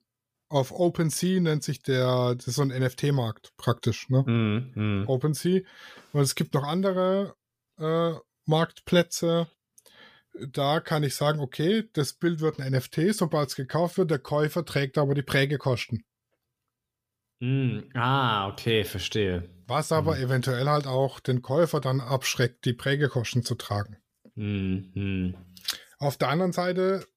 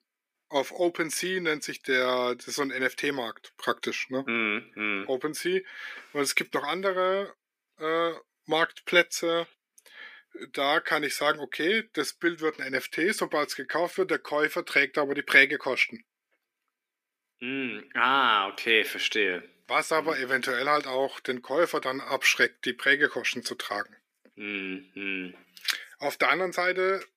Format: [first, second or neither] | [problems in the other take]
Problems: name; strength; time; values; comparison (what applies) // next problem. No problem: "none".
first | thin; somewhat; fading below 300 Hz